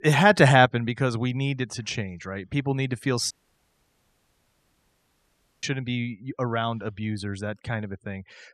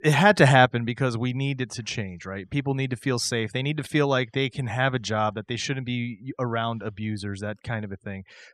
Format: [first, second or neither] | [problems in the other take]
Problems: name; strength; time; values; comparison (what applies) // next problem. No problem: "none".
second | audio cutting out; at 3.5 s for 2.5 s